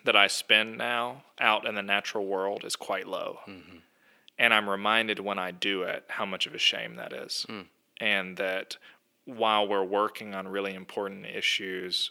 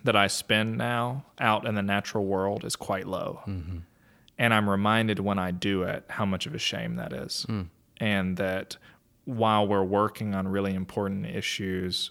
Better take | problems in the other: second | thin; somewhat; fading below 350 Hz

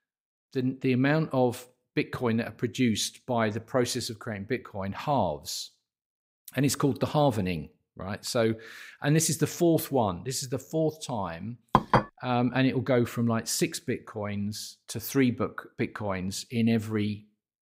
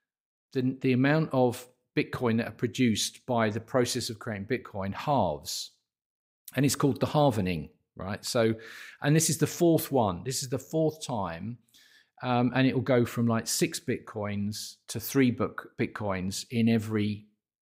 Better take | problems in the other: second | clattering dishes; loud; at 12 s; peak 5 dB above the speech

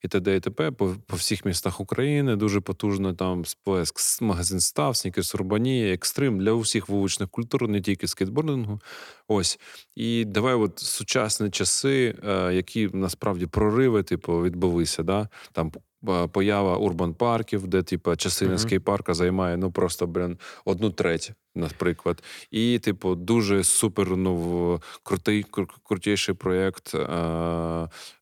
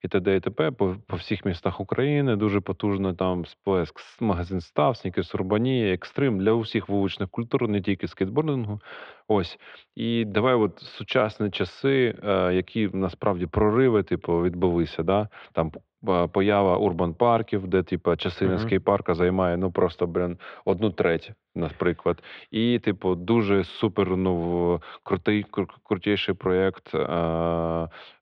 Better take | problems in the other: first | muffled; very; fading above 3.5 kHz

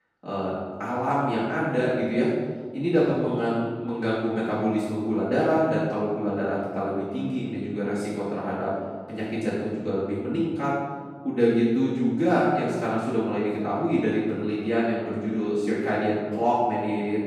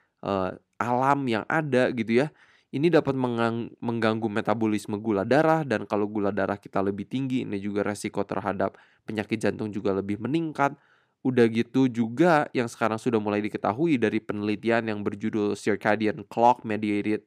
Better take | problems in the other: second | off-mic speech; far // room echo; strong; dies away in 1.5 s

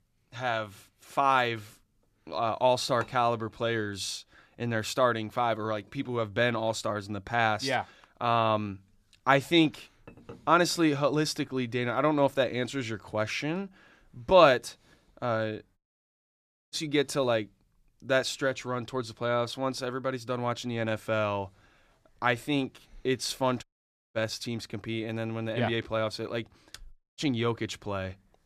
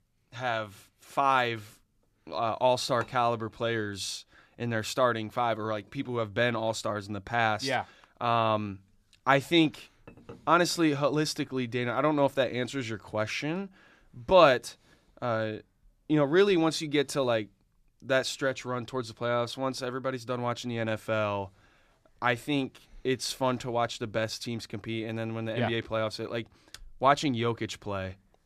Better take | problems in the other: second | audio cutting out; at 16 s for 1 s, at 24 s for 0.5 s and at 27 s

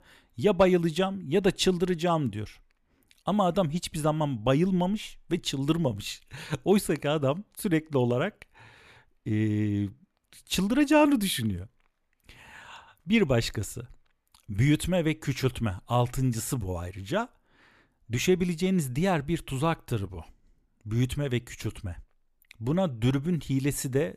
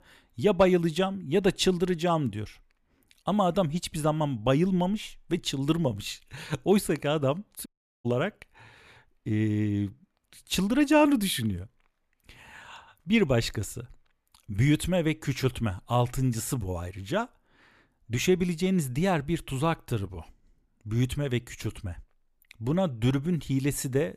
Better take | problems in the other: first | audio cutting out; at 7.5 s

